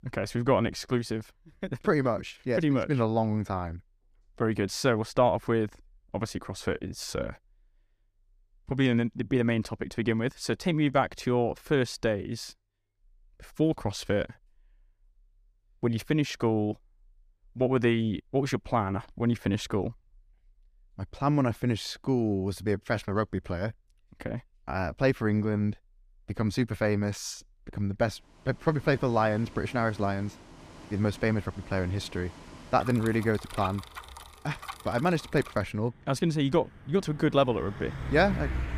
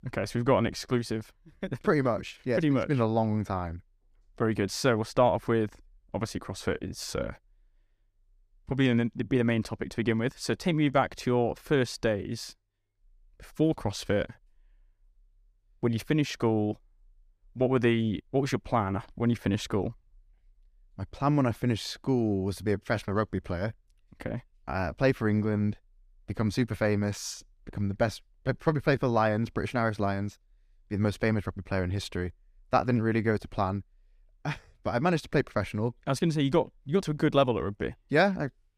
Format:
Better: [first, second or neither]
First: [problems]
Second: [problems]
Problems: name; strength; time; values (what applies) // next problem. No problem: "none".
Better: second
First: traffic noise; noticeable; from 29 s on; 15 dB below the speech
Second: none